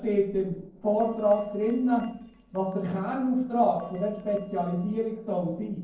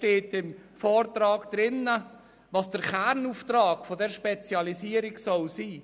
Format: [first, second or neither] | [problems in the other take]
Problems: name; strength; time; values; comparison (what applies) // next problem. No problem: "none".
second | noise reduction (neural separator model SepFormer DNS4)